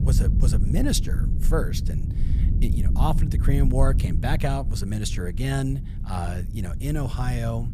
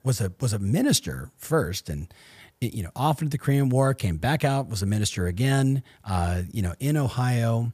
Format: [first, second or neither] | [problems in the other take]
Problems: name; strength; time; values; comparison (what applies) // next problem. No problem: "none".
second | low rumble; loud; throughout; 9 dB below the speech